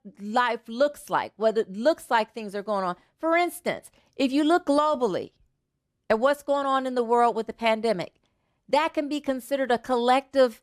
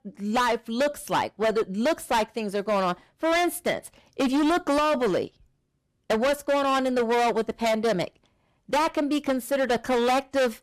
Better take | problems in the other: first | distortion; heavy; 18% of the sound clipped

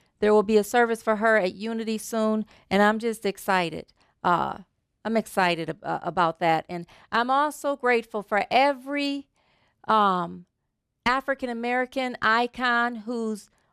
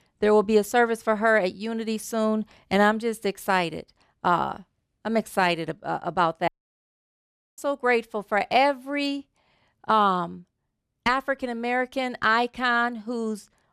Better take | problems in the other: first | audio cutting out; at 6.5 s for 1 s

